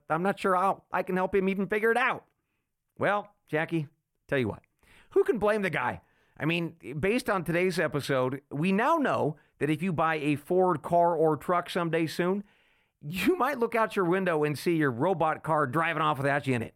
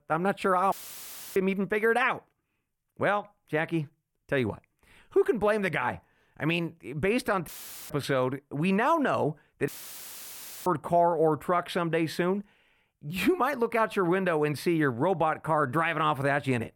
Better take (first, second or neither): first